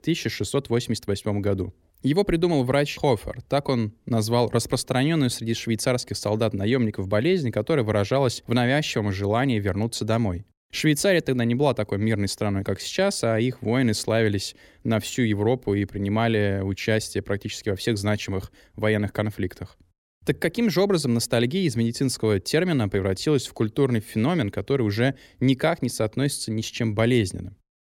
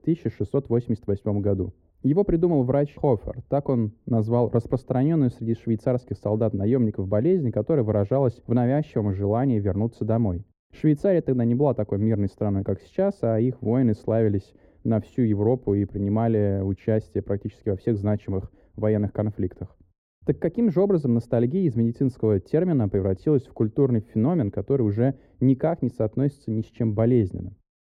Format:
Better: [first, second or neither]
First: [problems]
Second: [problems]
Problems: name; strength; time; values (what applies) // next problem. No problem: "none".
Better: first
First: none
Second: muffled; very; fading above 1.5 kHz